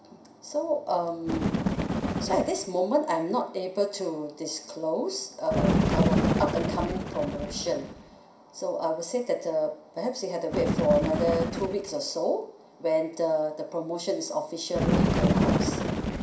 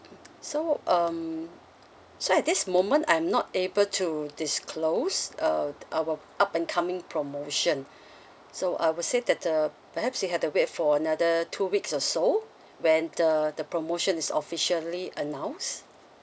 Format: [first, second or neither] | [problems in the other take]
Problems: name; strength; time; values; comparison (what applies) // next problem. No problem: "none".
second | background sound (Bird); 1 dB below the speech // room echo; dies away in 0.5 s